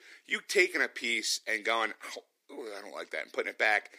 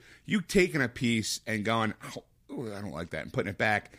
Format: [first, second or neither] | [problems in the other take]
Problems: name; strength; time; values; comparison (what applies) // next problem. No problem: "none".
second | thin; very; fading below 350 Hz